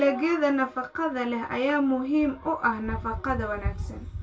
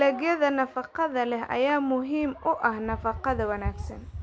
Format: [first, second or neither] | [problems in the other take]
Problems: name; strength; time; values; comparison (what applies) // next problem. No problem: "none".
second | room echo; dies away in 0.2 s